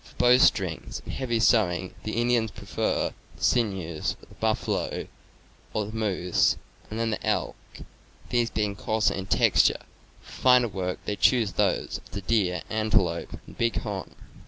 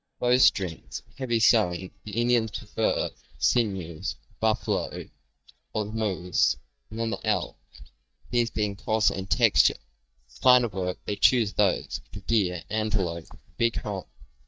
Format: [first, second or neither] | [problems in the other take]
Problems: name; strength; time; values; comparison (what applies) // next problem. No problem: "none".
first | noise reduction (neural mask model DeepFilterNet 3)